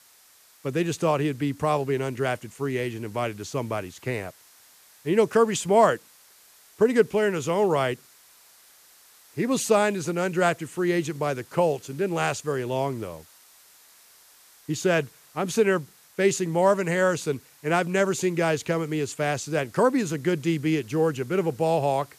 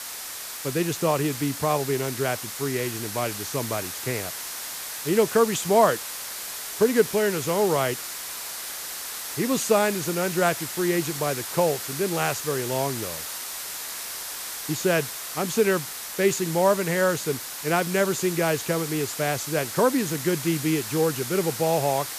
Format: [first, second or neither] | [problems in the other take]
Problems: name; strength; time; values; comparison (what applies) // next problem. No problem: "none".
first | hiss; loud; throughout; 7 dB below the speech; faint in the first